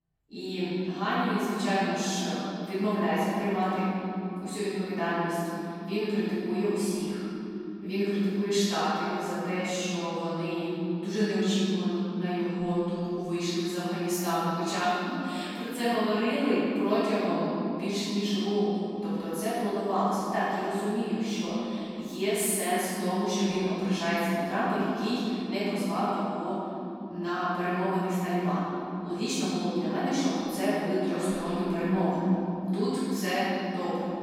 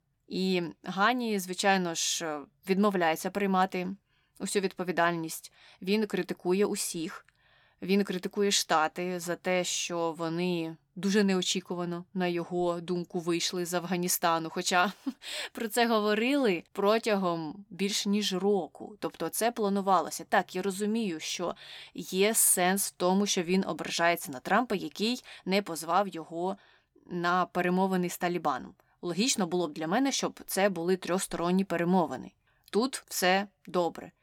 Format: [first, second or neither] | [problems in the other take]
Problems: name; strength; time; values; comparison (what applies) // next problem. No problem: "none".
second | off-mic speech; far // room echo; strong; dies away in 3 s